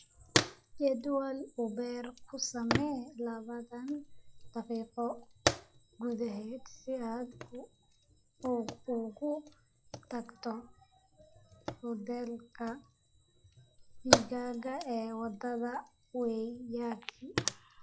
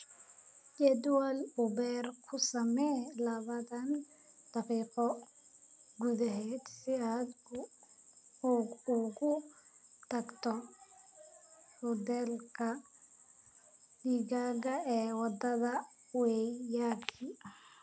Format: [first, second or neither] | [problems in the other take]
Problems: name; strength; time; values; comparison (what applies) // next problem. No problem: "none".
second | noise reduction (classical method log-MMSE)